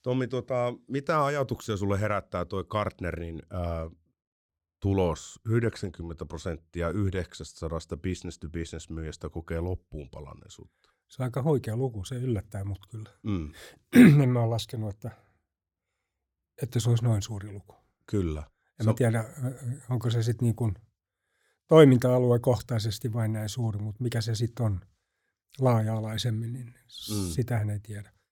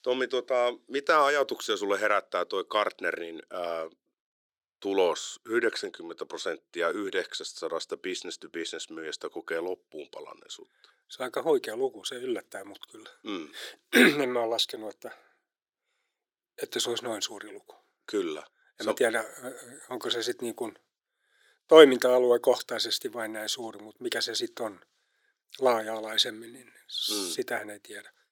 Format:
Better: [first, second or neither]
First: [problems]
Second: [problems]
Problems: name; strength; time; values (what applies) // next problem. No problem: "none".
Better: first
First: none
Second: thin; very; fading below 350 Hz